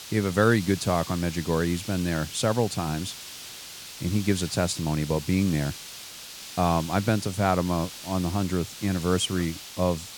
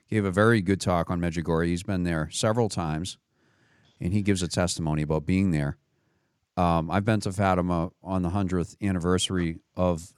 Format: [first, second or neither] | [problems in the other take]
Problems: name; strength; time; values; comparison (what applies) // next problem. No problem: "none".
second | hiss; noticeable; throughout; 10 dB below the speech